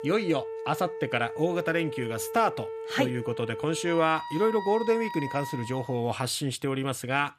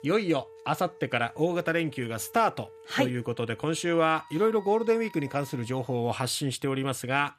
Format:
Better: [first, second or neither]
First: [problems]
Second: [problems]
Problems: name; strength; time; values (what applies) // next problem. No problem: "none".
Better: second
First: background music; loud; until 5.5 s; 9 dB below the speech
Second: background music; faint; until 5.5 s; 20 dB below the speech